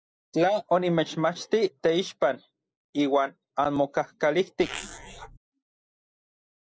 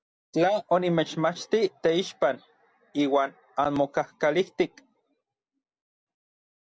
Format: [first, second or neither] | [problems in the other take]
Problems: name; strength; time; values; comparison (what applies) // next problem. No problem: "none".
second | noise reduction (neural mask model Resemble Enhance denoiser)